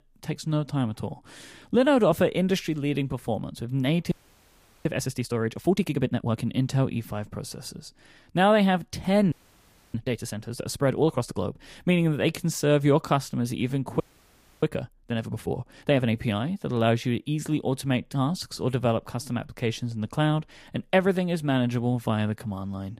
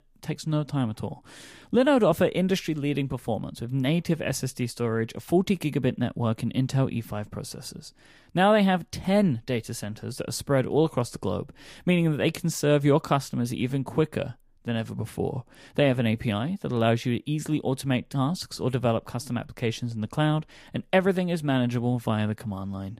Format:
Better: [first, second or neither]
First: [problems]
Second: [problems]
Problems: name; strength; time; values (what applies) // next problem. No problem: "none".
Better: second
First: audio freezing; at 4 s for 0.5 s, at 9.5 s for 0.5 s and at 14 s for 0.5 s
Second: none